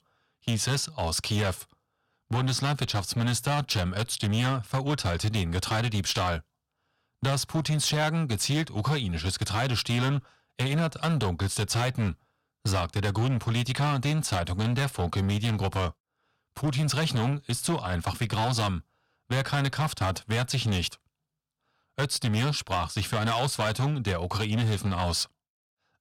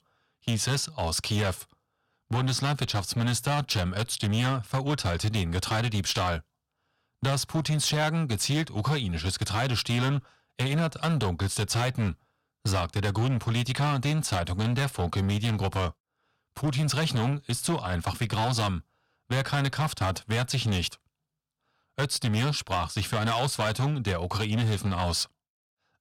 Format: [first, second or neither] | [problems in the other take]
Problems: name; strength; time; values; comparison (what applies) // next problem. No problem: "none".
neither | distortion; slight; 10% of the sound clipped; the same in both